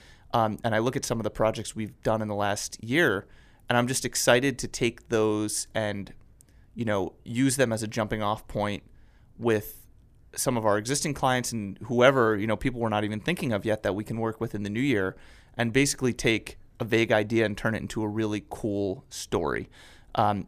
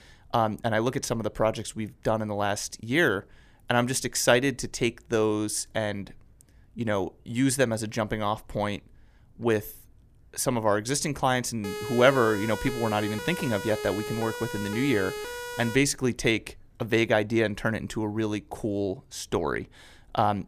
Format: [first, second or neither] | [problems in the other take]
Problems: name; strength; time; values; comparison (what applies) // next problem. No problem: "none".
first | siren; noticeable; from 12 to 16 s; peak 7 dB below the speech